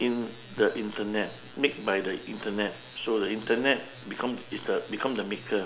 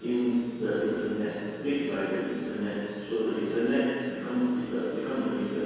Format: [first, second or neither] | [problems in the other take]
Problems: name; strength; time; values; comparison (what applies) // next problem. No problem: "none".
first | room echo; dies away in 2 s